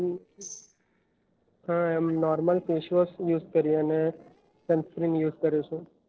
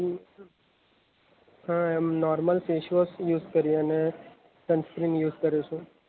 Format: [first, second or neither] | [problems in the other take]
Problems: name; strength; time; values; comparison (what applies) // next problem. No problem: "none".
second | noise reduction (neural separator model SepFormer DNS4)